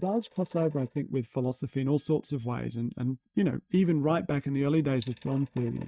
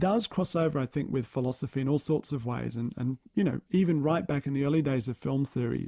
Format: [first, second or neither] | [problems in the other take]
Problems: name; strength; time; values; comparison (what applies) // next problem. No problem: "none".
second | noise reduction (neural mask model DeepFilterNet 3)